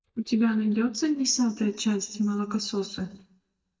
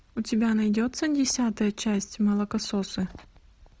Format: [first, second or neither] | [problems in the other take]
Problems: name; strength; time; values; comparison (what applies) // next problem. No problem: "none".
second | noise reduction (neural mask model DeepFilterNet 3)